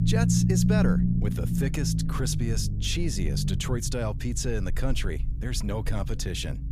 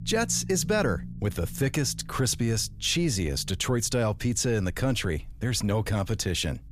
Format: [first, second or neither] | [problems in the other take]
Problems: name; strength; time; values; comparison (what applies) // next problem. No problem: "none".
second | low rumble; loud; throughout; 3 dB below the speech; faint in the second